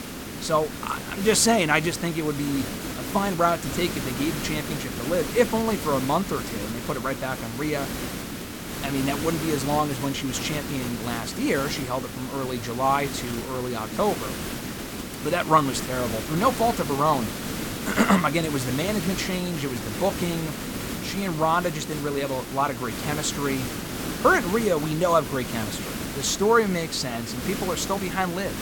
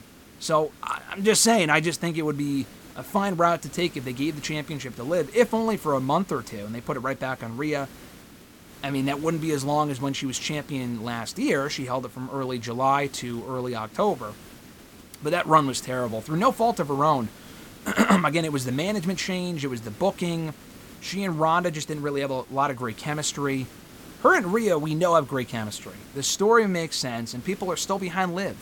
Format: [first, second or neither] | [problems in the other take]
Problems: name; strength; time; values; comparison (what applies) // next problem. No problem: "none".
second | hiss; loud; throughout; 6 dB below the speech; faint in the second